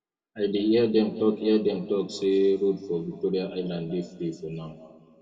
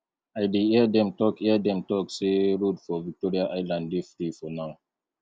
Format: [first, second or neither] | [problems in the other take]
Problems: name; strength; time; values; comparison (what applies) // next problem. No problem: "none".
second | room echo; dies away in 1.6 s